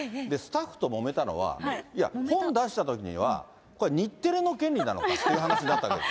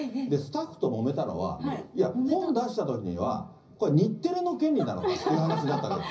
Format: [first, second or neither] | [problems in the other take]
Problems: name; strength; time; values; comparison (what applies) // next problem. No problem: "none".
first | room echo; dies away in 0.5 s